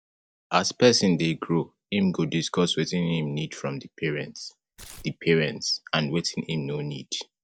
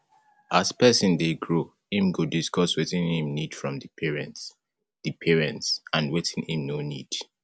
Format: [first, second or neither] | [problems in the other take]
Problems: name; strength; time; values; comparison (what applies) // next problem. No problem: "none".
second | noise reduction (neural mask model DeepFilterNet 3)